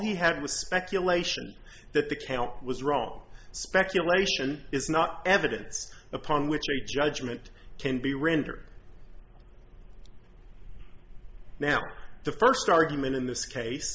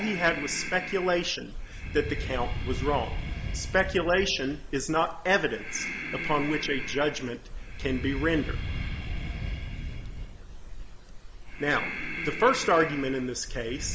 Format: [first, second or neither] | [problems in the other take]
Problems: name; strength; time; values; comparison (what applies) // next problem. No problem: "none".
first | background sound (Breathing); 6 dB below the speech